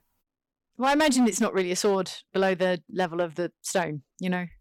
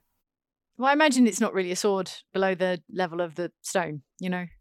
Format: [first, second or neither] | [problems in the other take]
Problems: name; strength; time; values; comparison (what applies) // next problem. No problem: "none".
second | distortion; slight; 5% of the sound clipped